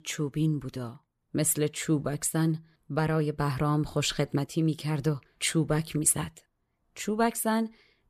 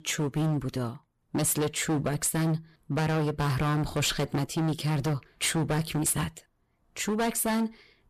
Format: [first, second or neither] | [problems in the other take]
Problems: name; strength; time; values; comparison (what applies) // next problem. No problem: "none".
first | distortion; heavy; 19% of the sound clipped